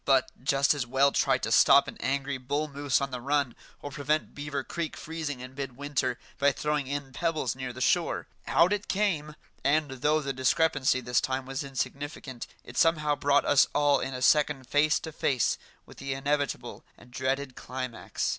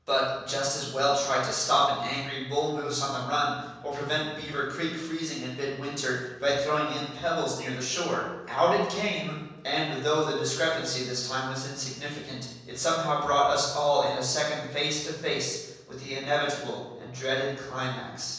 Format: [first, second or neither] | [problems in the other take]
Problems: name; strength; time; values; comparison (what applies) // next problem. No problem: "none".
first | room echo; dies away in 1.1 s